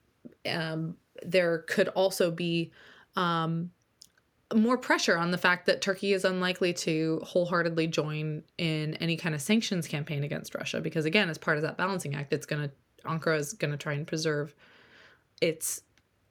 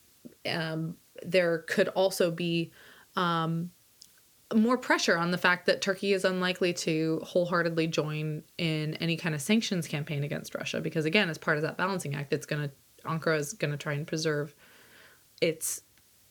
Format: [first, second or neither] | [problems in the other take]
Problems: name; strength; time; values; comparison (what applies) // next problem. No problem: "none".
first | hiss; faint; throughout; 30 dB below the speech